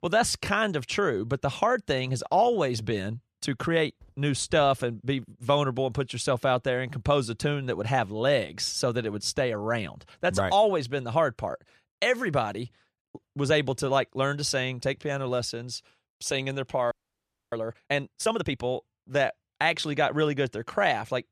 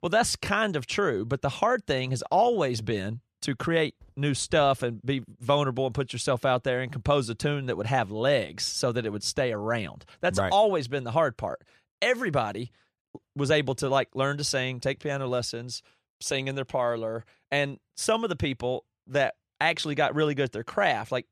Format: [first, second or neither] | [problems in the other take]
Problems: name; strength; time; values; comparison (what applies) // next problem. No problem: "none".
second | audio freezing; at 17 s for 0.5 s